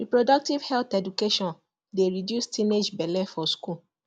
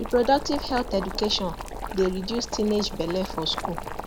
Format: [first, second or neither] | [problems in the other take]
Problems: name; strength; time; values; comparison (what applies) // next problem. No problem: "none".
first | background sound (Boiling); 8 dB below the speech